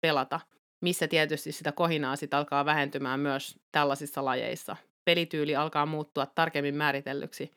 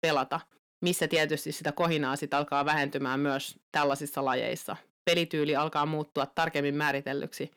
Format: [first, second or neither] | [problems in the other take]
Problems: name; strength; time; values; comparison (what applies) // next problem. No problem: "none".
first | distortion; slight; 10 dB below the speech